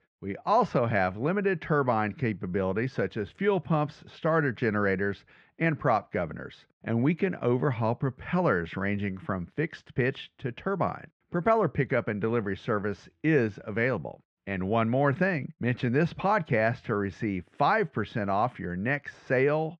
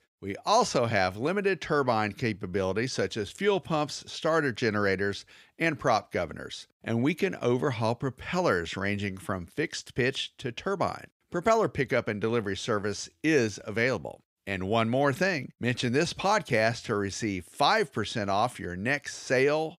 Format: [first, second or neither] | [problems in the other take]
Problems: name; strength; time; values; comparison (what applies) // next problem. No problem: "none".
second | muffled; very; fading above 2 kHz